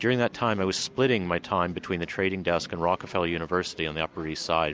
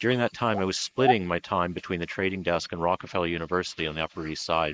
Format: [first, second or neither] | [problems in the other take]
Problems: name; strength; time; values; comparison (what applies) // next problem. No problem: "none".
first | noise reduction (neural mask model Resemble Enhance denoiser)